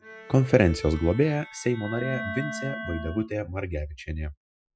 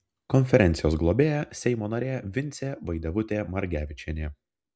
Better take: second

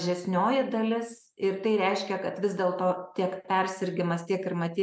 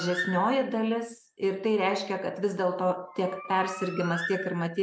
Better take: first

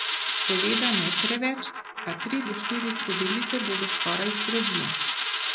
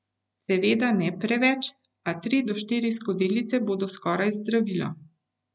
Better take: second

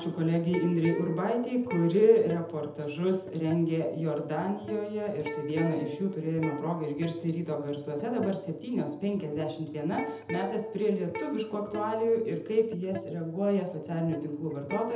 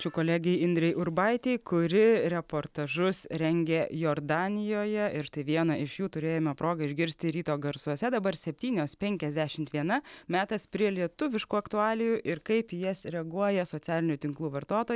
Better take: second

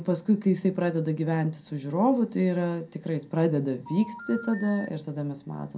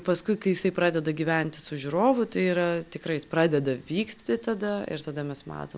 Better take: second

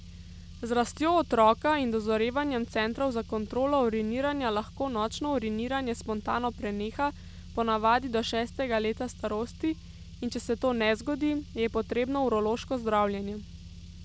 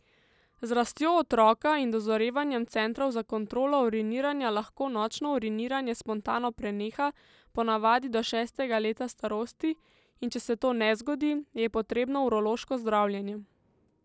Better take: second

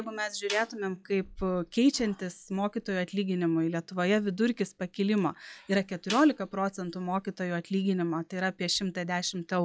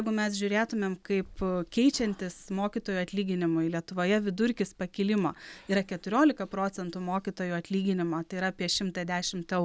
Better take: second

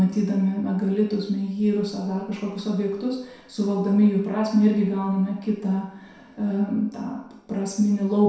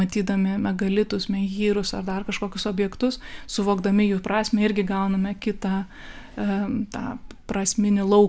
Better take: second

